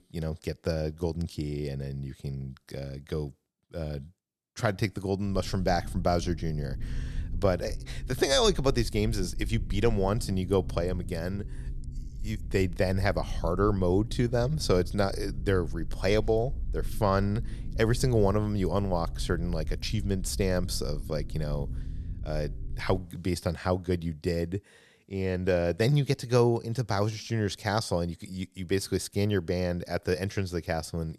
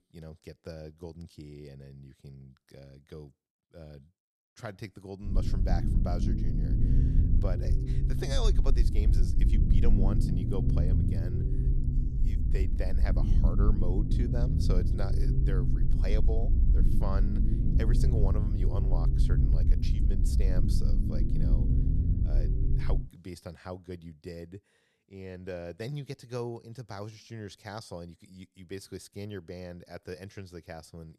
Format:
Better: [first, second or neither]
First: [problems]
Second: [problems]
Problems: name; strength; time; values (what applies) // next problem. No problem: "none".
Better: first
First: low rumble; faint; from 5.5 to 23 s; 20 dB below the speech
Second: low rumble; loud; from 5.5 to 23 s; as loud as the speech